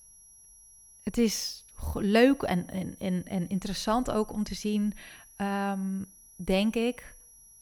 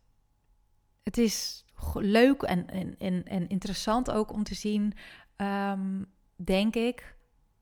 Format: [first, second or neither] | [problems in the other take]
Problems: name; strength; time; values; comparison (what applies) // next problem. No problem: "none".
second | high-pitched whine; faint; throughout; 11 kHz, 25 dB below the speech